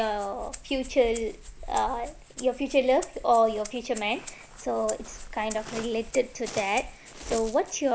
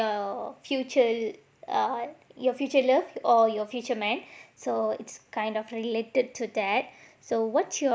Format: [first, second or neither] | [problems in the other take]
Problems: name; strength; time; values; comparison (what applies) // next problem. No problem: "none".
second | background sound (Waves, surf + Rattle (instrument)); 13 dB below the speech